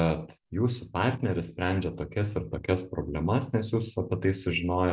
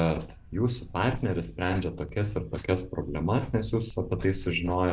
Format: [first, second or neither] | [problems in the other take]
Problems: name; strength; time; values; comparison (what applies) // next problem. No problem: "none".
first | noise reduction (neural mask model Resemble Enhance denoiser)